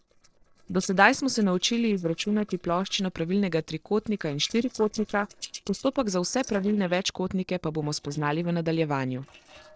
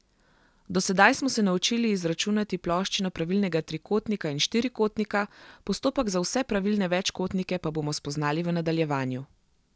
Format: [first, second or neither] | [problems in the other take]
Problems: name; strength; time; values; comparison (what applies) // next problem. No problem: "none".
second | noise reduction (neural separator model SepFormer DNS4)